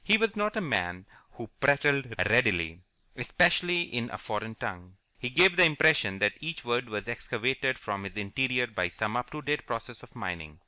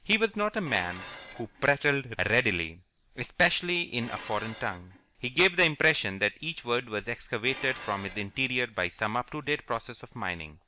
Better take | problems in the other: first | background sound (Dishes, pots, and pans); 19 dB below the speech

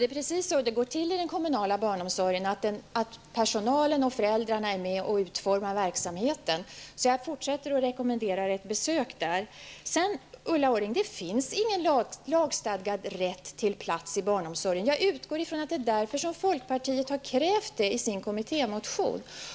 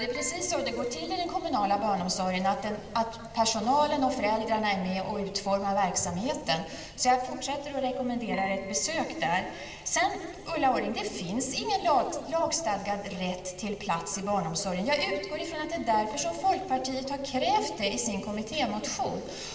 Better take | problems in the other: first | background sound (Keyboard (musical)); 18 dB below the speech // room echo; dies away in 2 s

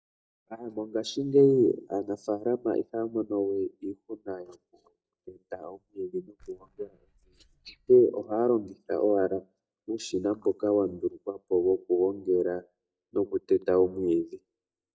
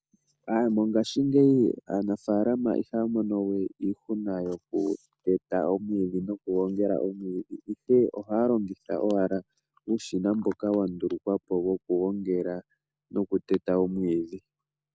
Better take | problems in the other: second | noise reduction (neural mask model DeepFilterNet 3)

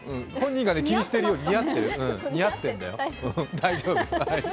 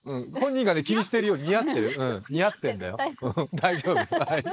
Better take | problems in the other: first | noise reduction (neural mask model Resemble Enhance denoiser)

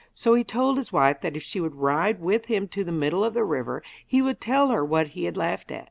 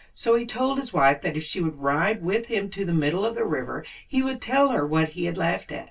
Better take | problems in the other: first | room echo; dies away in 0.1 s

